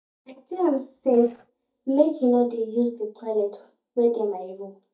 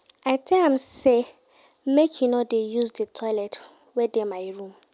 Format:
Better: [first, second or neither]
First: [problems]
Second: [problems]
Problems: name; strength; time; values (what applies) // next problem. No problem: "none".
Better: second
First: noise reduction (neural mask model DeepFilterNet 3)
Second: none